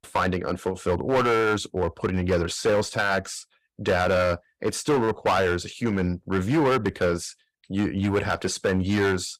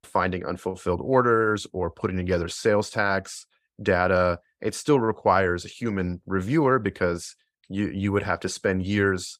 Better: second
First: distortion; heavy; 9% of the sound clipped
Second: none

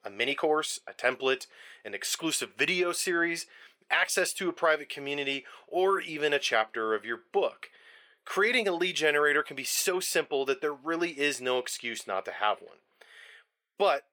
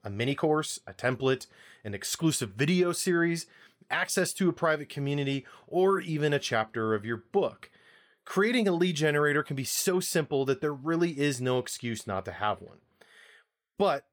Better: second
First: thin; somewhat; fading below 500 Hz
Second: none

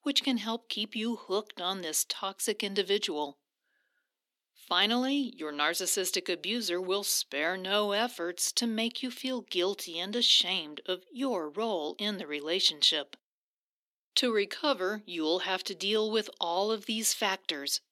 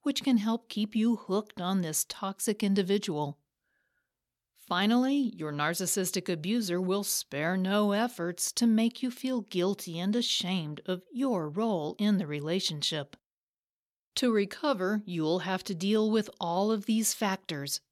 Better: second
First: thin; very slightly; fading below 250 Hz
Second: none

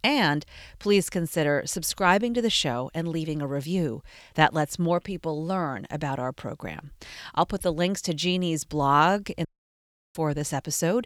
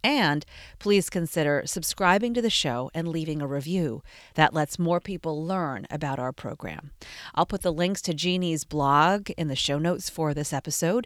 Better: second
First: audio cutting out; at 9.5 s for 0.5 s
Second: none

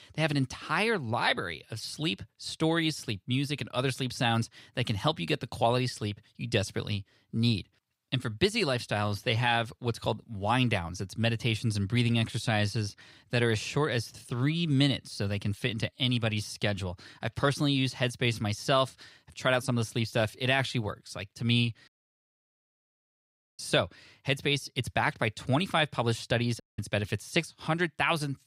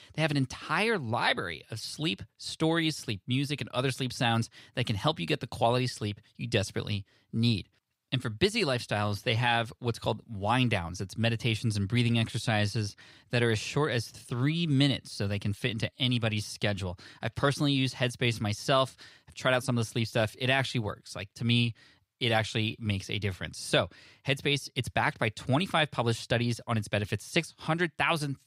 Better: second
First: audio cutting out; at 22 s for 1.5 s and at 27 s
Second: none

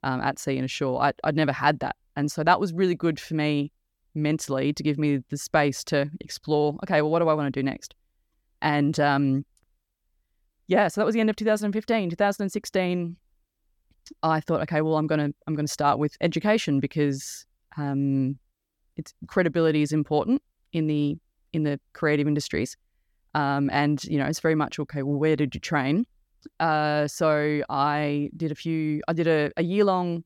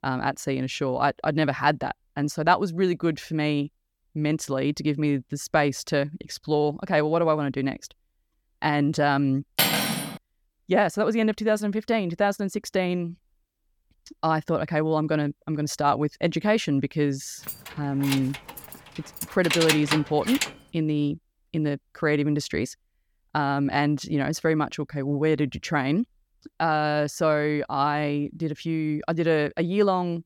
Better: first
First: none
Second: clattering dishes; loud; at 9.5 s; peak 4 dB above the speech // jangling keys; loud; from 17 to 20 s; peak 2 dB above the speech

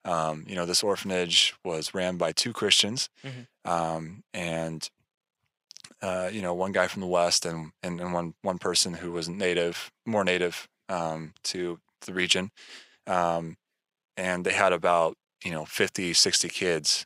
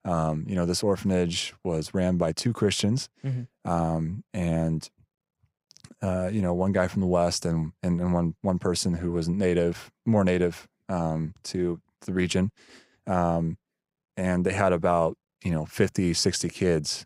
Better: second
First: thin; somewhat; fading below 900 Hz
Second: none

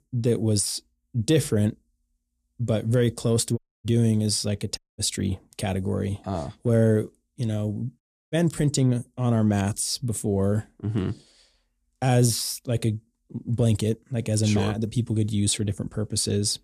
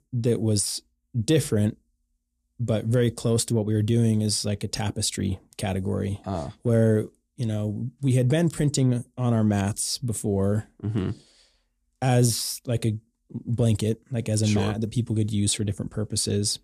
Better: second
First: audio cutting out; at 3.5 s, at 5 s and at 8 s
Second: none

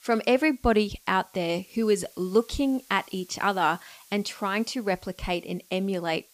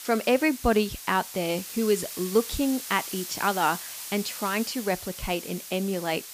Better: first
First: hiss; faint; throughout; 25 dB below the speech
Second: hiss; loud; throughout; 9 dB below the speech

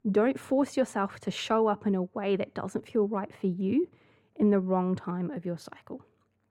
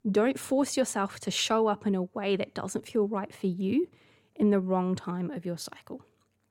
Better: second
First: muffled; slightly; fading above 3 kHz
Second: none

